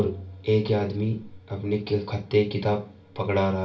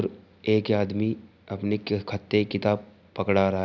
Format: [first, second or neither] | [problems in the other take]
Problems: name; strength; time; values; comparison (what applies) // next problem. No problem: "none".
second | background sound (Organ); 19 dB below the speech // room echo; dies away in 0.3 s